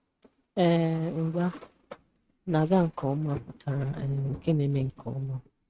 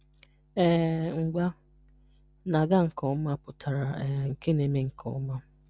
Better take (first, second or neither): second